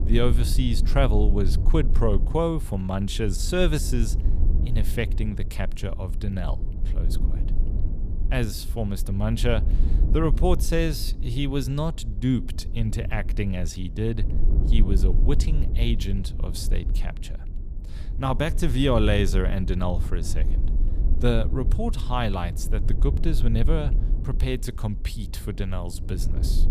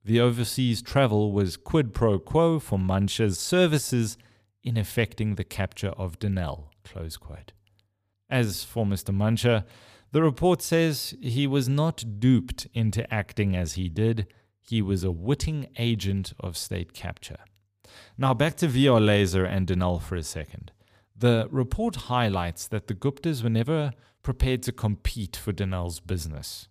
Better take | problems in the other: second | wind noise on the microphone; occasional gusts; 15 dB below the speech

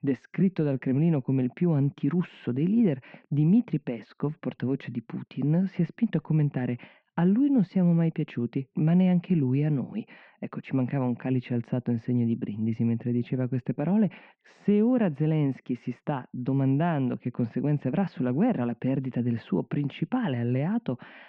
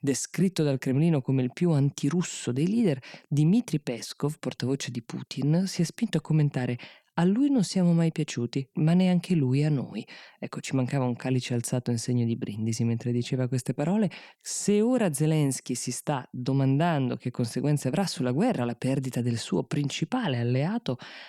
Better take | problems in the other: second | muffled; very; fading above 2.5 kHz

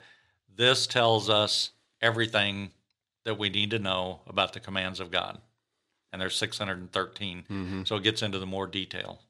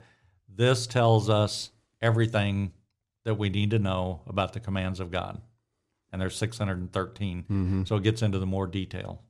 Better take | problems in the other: second | thin; somewhat; fading below 800 Hz

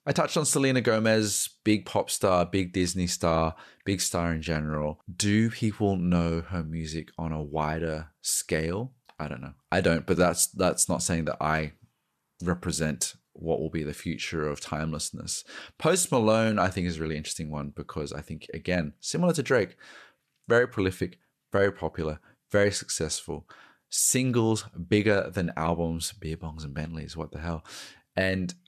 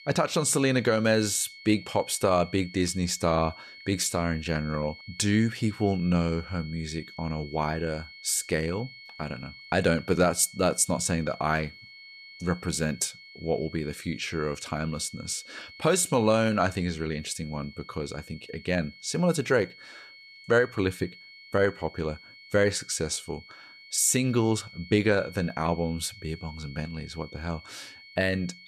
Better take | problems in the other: first | high-pitched whine; noticeable; throughout; 2 kHz, 20 dB below the speech

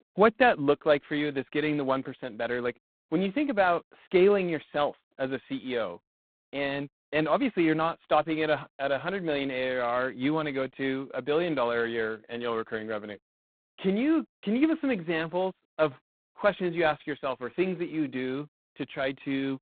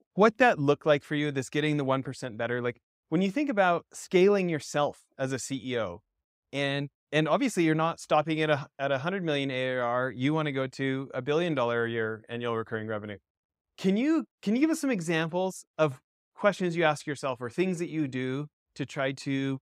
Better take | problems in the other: second | phone-call audio; poor line; nothing above 4 kHz

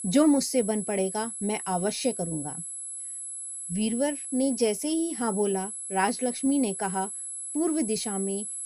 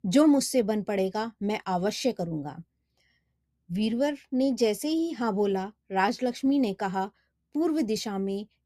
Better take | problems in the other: second | high-pitched whine; loud; throughout; 11 kHz, 6 dB below the speech

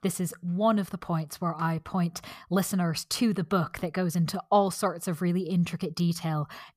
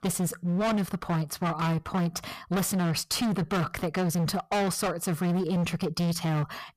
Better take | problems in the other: first | distortion; heavy; 28% of the sound clipped

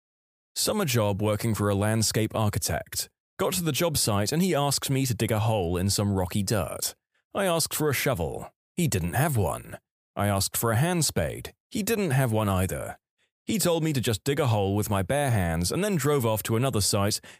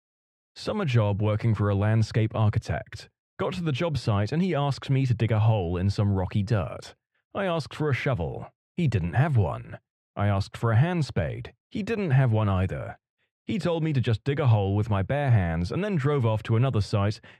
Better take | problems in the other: first | muffled; slightly; fading above 2.5 kHz

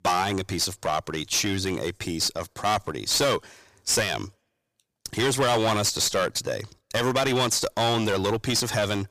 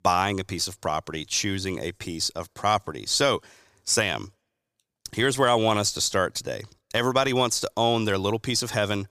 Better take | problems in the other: second | distortion; heavy; 11% of the sound clipped

